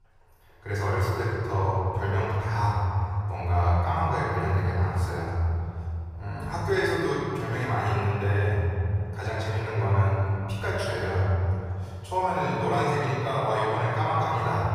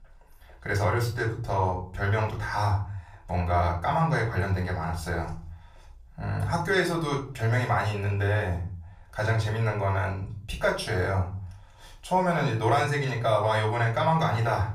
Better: second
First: room echo; strong; dies away in 2.8 s // off-mic speech; far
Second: room echo; slight; dies away in 0.3 s // off-mic speech; far

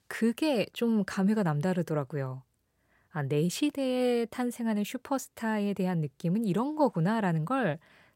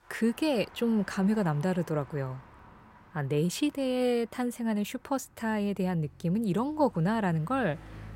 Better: first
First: none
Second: traffic noise; faint; throughout; 25 dB below the speech

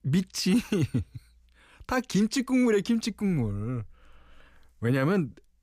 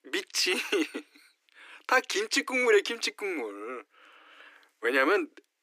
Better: first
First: none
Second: thin; very; fading below 300 Hz

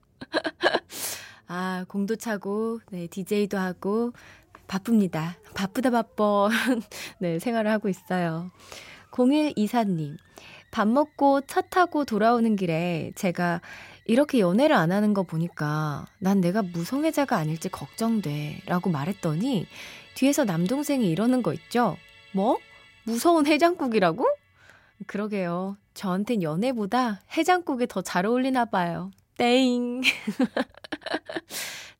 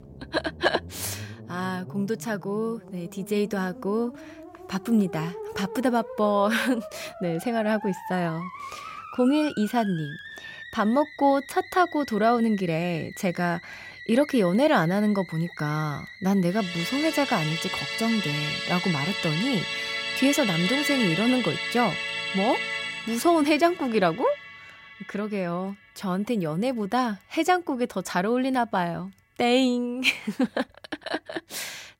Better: first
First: background music; faint; throughout; 30 dB below the speech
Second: background music; loud; throughout; 7 dB below the speech

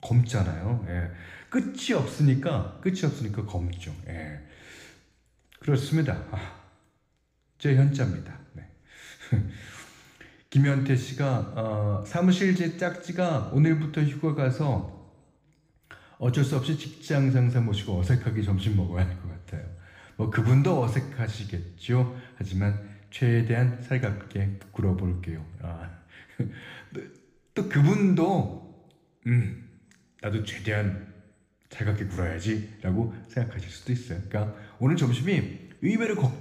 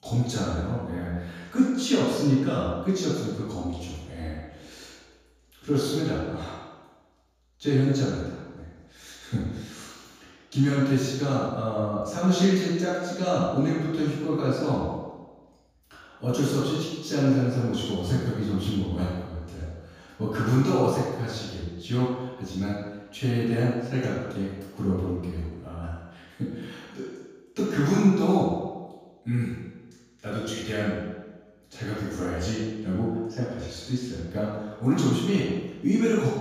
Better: first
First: room echo; slight; dies away in 0.9 s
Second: room echo; strong; dies away in 1.2 s // off-mic speech; far

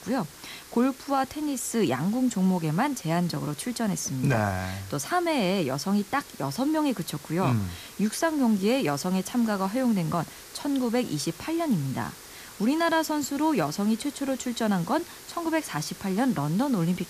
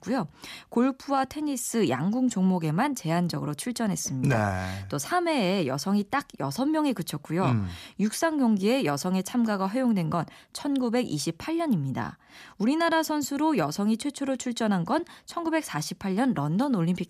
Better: second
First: hiss; noticeable; throughout; 15 dB below the speech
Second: none

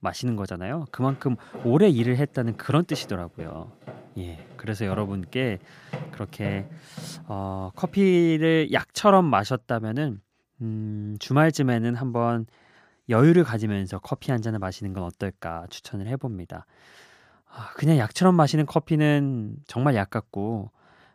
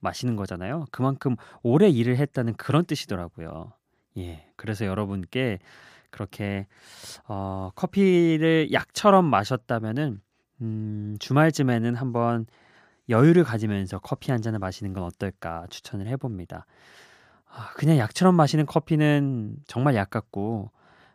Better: second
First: footsteps; faint; from 1 to 8 s; peak 10 dB below the speech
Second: none

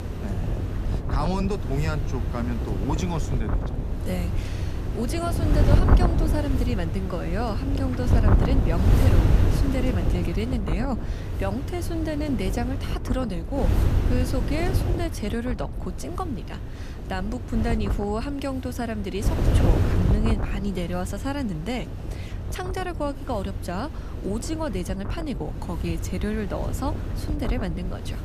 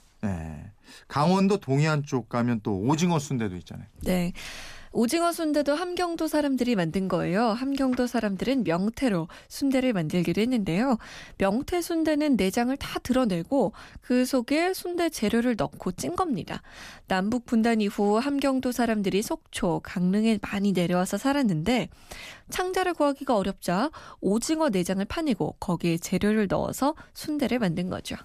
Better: second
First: wind noise on the microphone; heavy; 3 dB below the speech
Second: none

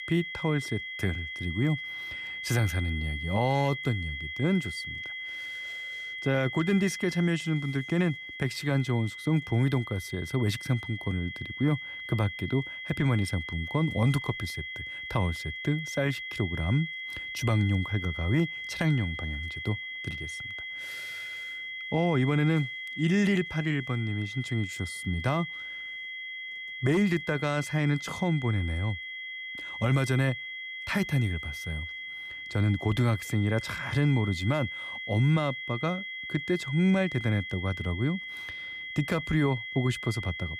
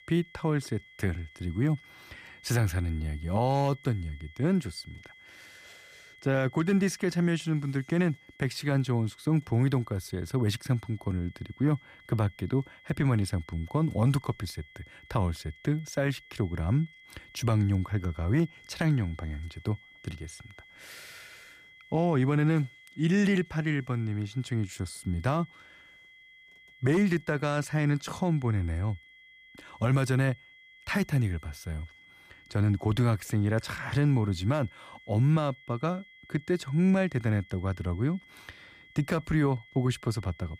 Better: second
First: high-pitched whine; loud; throughout; 2 kHz, 7 dB below the speech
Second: high-pitched whine; faint; throughout; 2 kHz, 25 dB below the speech

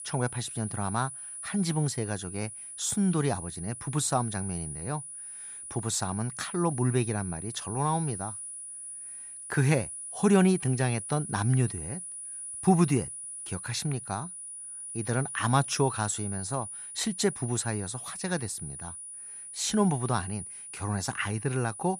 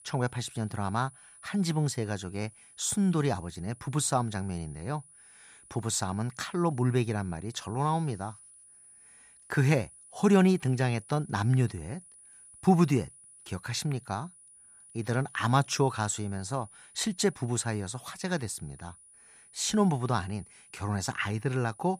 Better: second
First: high-pitched whine; loud; throughout; 10 kHz, 8 dB below the speech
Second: high-pitched whine; faint; throughout; 10 kHz, 20 dB below the speech

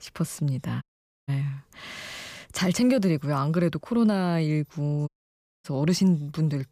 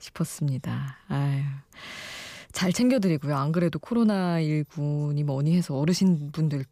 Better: second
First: audio cutting out; at 1 s and at 5 s for 0.5 s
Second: none

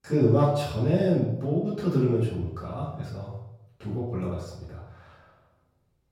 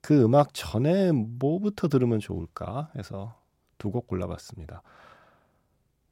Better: second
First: room echo; noticeable; dies away in 0.7 s // off-mic speech; far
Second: none

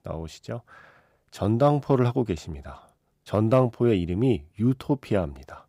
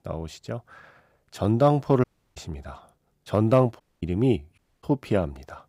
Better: first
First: none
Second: audio cutting out; at 2 s, at 4 s and at 4.5 s

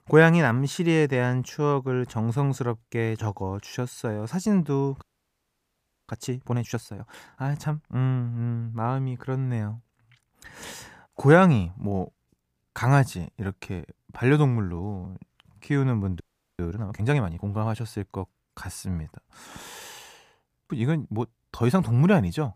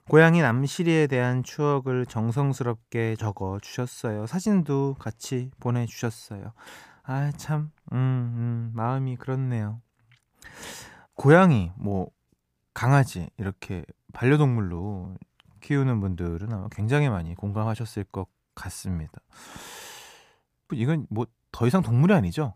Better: second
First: audio freezing; at 5 s for 1 s and at 16 s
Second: none

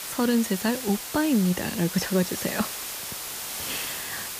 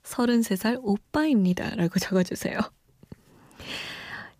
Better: second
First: hiss; loud; throughout; 6 dB below the speech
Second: none

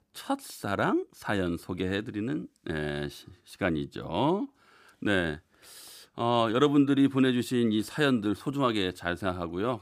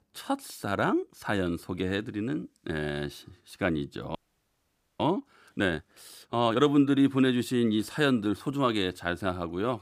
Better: first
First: none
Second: audio freezing; at 4 s for 1 s

